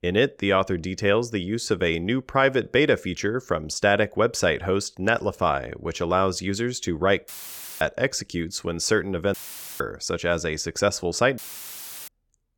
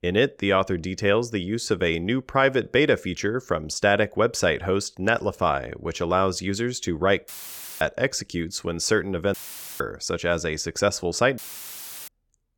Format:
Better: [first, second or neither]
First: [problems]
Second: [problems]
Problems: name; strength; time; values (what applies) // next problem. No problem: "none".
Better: neither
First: audio cutting out; filled with static; at 7.5 s for 0.5 s, at 9.5 s and at 11 s for 0.5 s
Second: audio cutting out; filled with static; at 7.5 s for 0.5 s, at 9.5 s and at 11 s for 0.5 s